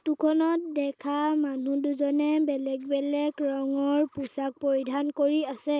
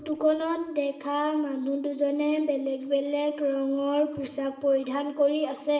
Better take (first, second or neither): first